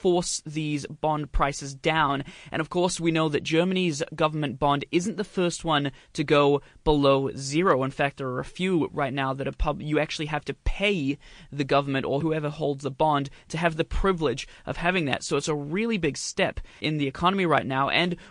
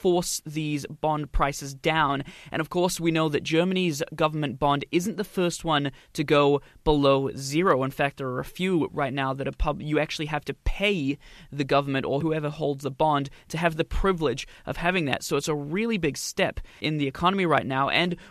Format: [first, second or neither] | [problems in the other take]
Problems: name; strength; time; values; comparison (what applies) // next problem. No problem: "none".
second | garbled, watery; slightly